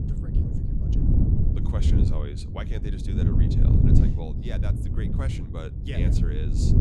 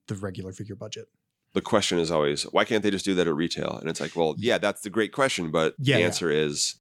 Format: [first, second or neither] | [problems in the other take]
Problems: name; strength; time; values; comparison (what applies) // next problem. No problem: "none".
second | wind noise on the microphone; heavy; 4 dB above the speech